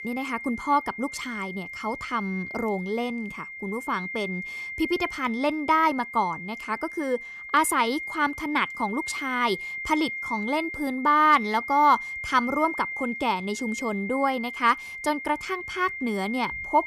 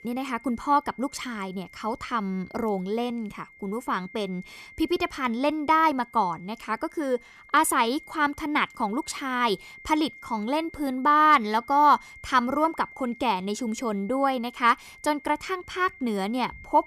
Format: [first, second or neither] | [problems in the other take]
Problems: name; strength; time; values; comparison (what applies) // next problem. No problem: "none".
second | high-pitched whine; loud; throughout; 2 kHz, 8 dB below the speech; faint in the second